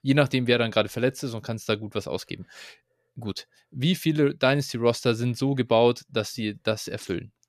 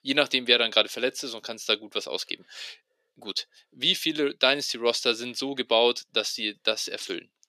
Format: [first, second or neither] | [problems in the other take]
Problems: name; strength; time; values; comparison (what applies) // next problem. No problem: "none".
first | thin; somewhat; fading below 300 Hz